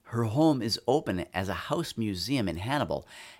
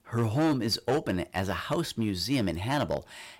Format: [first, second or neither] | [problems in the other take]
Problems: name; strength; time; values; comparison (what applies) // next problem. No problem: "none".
first | distortion; slight; 5% of the sound clipped